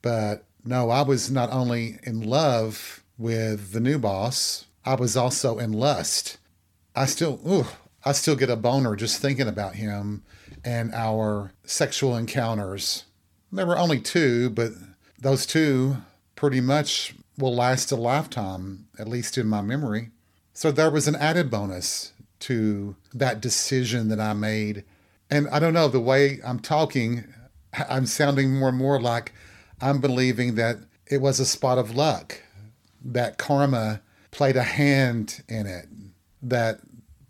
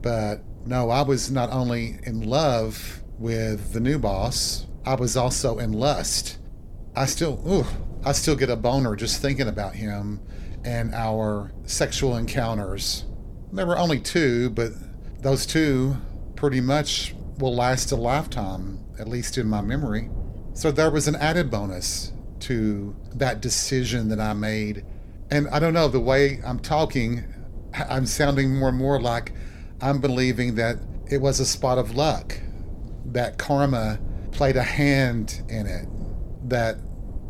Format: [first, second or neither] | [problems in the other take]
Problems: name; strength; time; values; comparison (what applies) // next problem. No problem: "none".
first | low rumble; faint; throughout; 25 dB below the speech